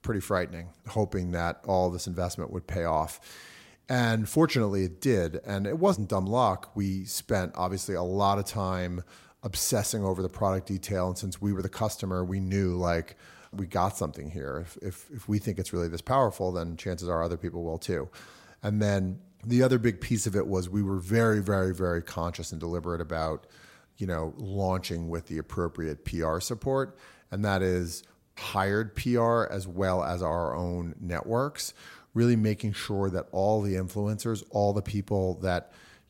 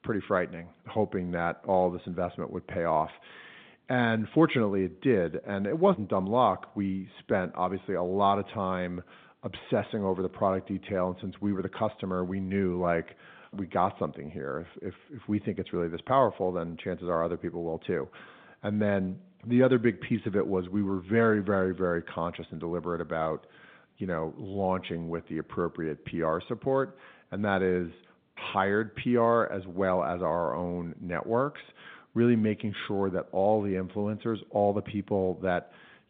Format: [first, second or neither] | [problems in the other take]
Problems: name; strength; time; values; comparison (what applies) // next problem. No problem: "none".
first | phone-call audio; nothing above 3.5 kHz